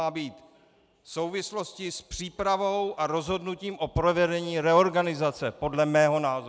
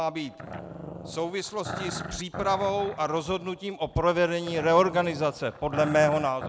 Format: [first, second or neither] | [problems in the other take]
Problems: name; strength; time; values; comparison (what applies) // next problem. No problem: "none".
first | background sound (Growling); 12 dB below the speech